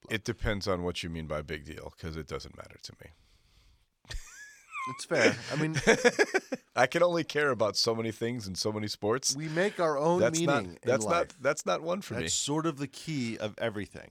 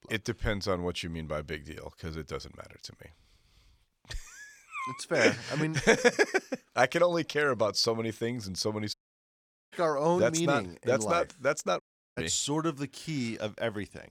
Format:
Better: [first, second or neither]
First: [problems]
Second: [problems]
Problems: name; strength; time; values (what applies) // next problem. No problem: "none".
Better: first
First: none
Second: audio cutting out; at 9 s for 1 s and at 12 s